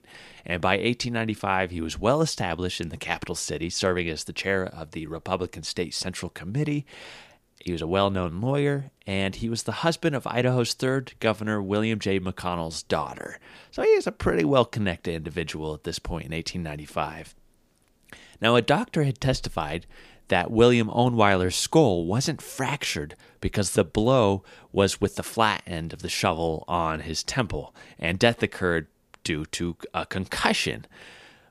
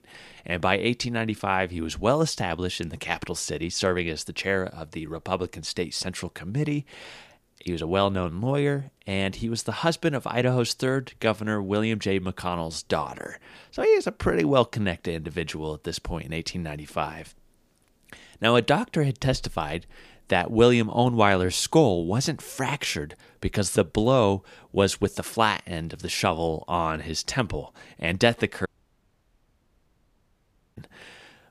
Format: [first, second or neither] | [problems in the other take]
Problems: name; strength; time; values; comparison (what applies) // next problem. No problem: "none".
first | audio cutting out; at 29 s for 2 s